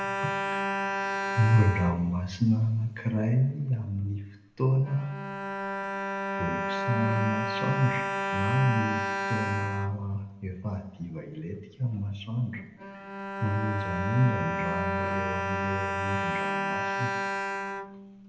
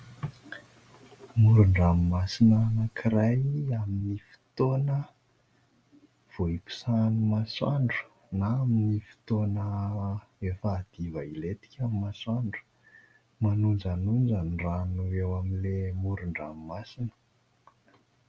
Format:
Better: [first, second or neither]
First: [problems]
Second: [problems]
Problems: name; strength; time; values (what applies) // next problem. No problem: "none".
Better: second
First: background sound (Bowed string instrument); 3 dB below the speech // room echo; dies away in 0.8 s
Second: none